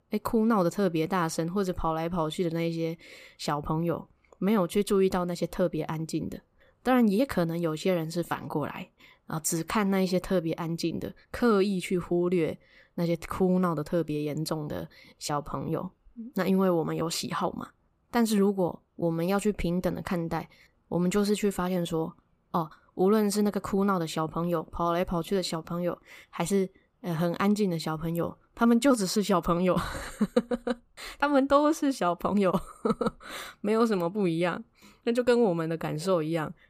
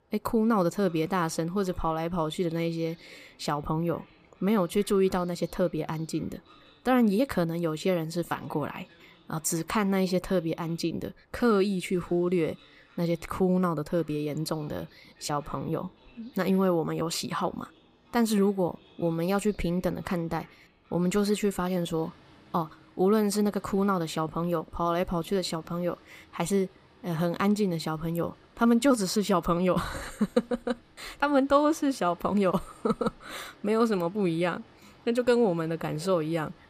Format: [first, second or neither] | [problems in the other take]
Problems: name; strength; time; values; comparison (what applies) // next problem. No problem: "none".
first | train or aircraft noise; faint; throughout; 30 dB below the speech